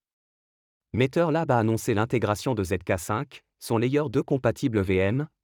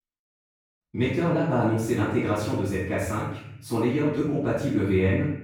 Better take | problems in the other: first | off-mic speech; far // room echo; noticeable; dies away in 0.7 s

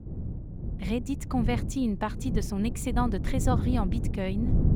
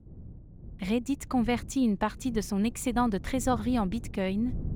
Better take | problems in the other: second | wind noise on the microphone; heavy; 9 dB below the speech; occasional gusts in the second

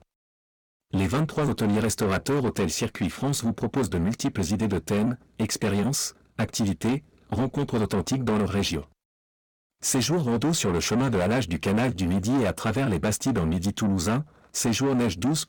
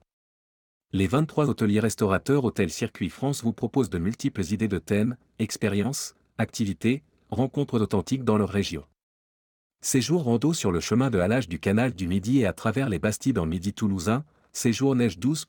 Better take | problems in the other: second | distortion; heavy; 7 dB below the speech

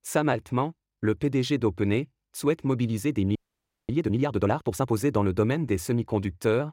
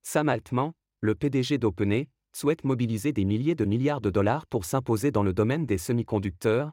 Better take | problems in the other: second | audio freezing; at 3.5 s for 0.5 s

